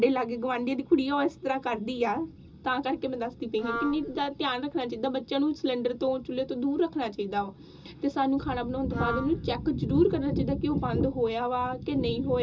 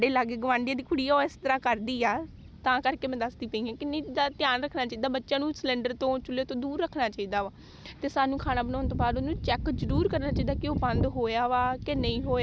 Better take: second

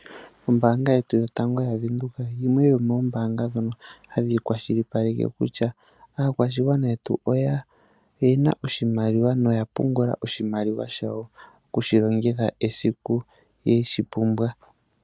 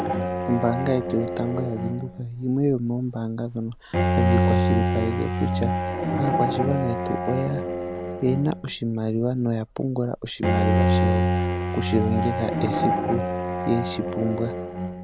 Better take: first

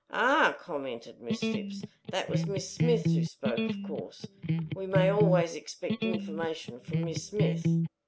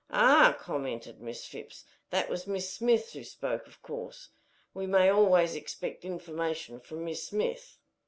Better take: second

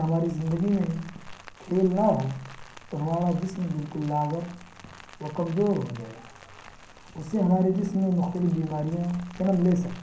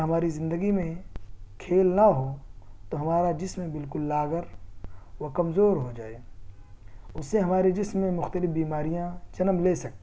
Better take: second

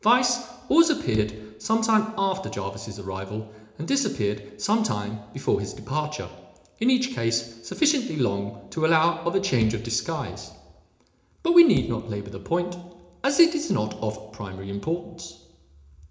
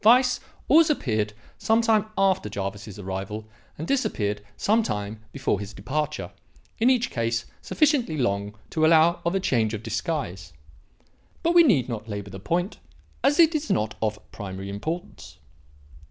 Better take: second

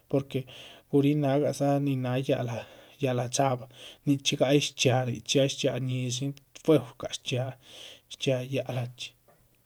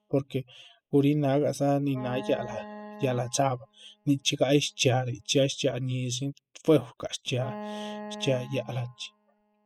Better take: first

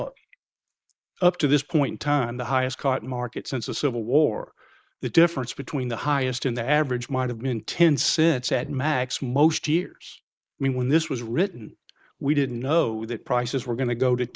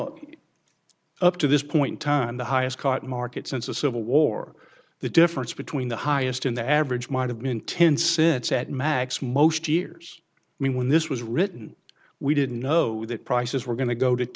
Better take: second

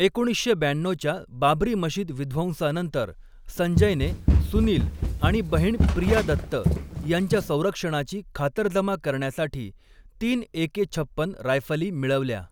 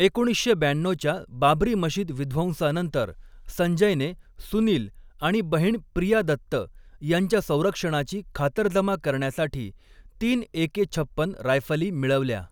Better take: second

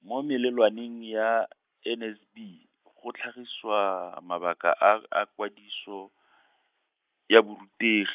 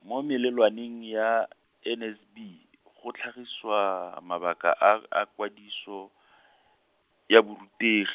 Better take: second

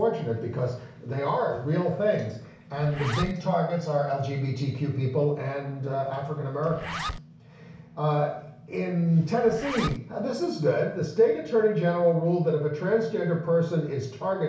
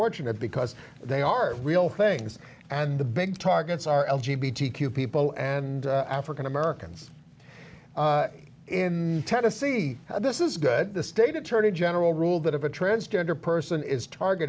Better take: second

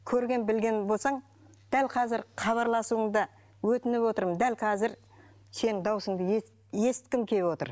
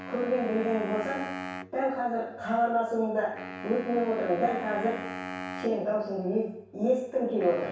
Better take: first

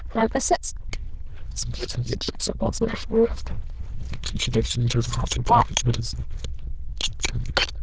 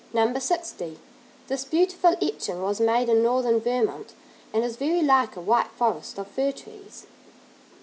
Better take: second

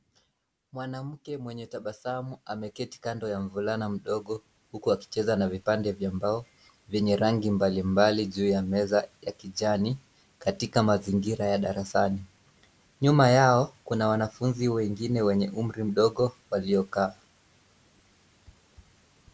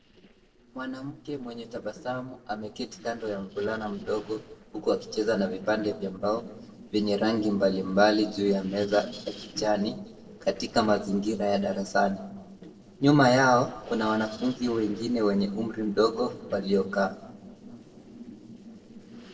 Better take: first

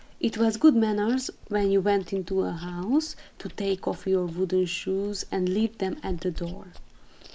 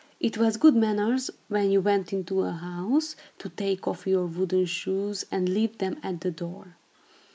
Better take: second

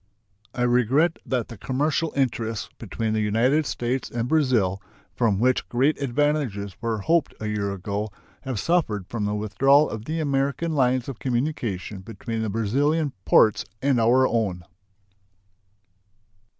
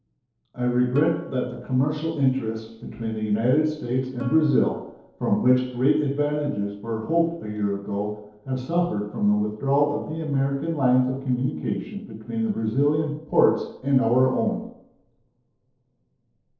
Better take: first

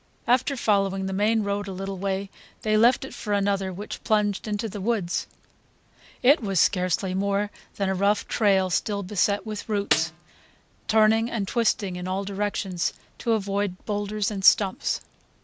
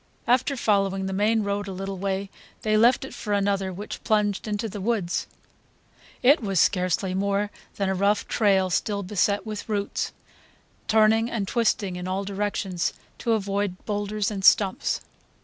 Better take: second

